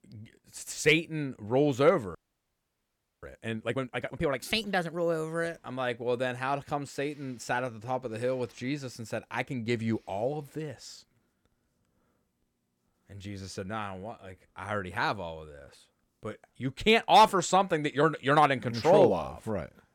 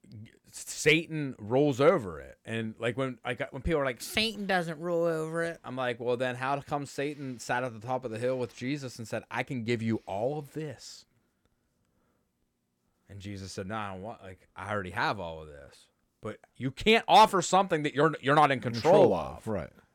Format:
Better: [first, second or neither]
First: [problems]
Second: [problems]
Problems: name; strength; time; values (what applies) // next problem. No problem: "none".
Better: second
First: audio freezing; at 2 s for 1 s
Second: none